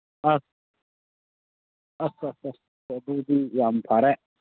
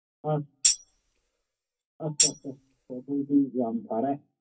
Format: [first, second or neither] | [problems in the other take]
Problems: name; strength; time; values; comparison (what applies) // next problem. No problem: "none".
first | noise reduction (classical method WPE with log-MMSE)